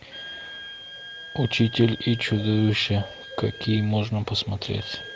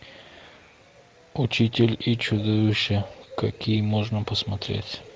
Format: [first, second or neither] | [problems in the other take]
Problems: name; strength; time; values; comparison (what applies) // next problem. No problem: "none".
second | background sound (Wind instrument, woodwind instrument); 16 dB below the speech